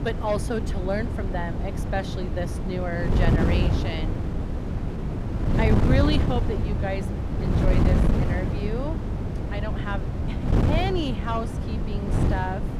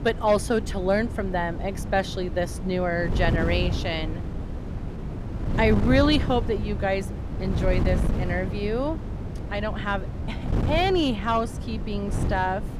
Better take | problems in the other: second | wind noise on the microphone; heavy; 3 dB below the speech; occasional gusts in the second

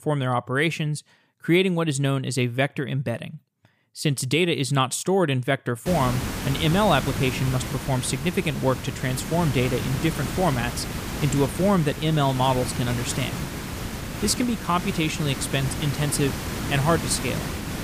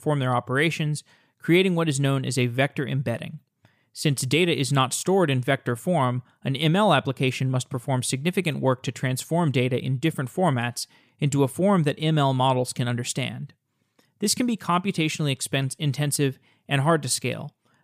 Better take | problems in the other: second | hiss; loud; from 6 s on; 7 dB below the speech

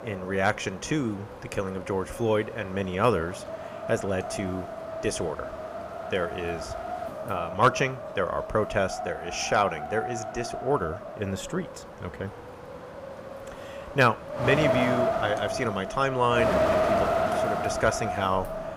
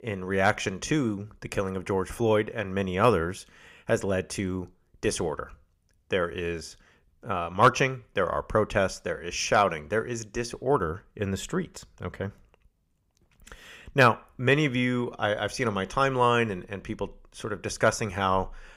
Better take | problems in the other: second | wind noise on the microphone; heavy; 3 dB below the speech

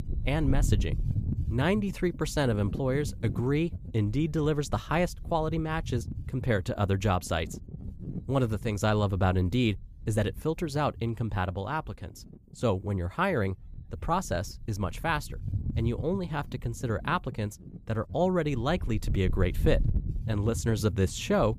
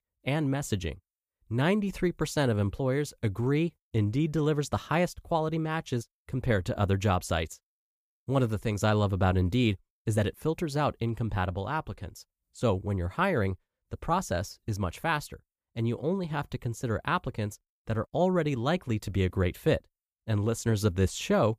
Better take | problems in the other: second | wind noise on the microphone; occasional gusts; 20 dB below the speech

